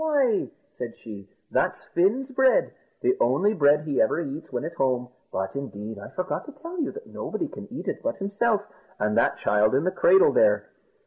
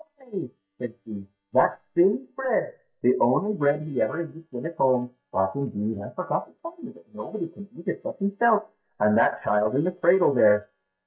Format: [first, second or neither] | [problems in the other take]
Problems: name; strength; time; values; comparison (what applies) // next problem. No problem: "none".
first | noise reduction (neural mask model DeepFilterNet 3)